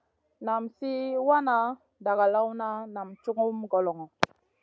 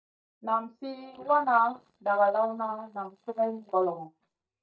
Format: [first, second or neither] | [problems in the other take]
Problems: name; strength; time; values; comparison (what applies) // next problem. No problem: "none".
first | noise reduction (neural mask model DeepFilterNet 3)